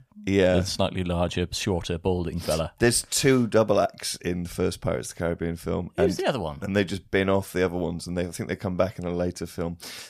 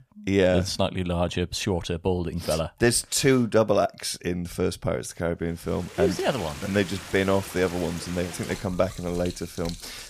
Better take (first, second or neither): first